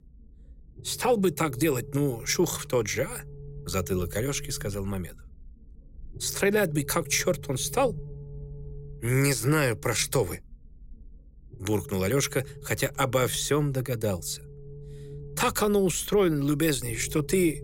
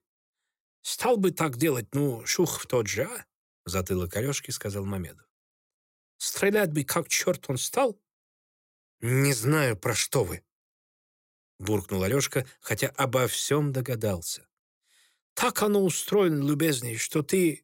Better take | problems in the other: second | low rumble; faint; throughout; 20 dB below the speech

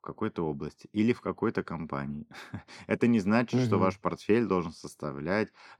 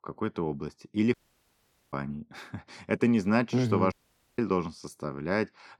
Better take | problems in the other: first | audio cutting out; at 1 s for 1 s and at 4 s

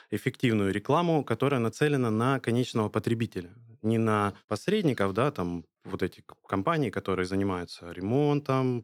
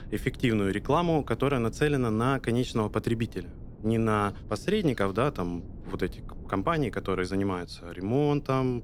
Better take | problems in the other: first | wind noise on the microphone; occasional gusts; 25 dB below the speech

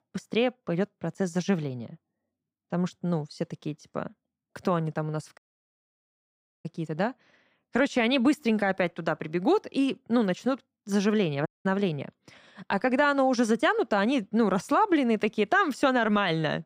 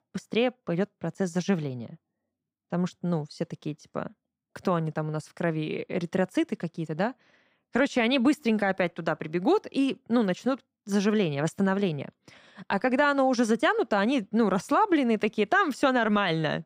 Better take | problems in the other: second | audio cutting out; at 5.5 s for 1.5 s and at 11 s

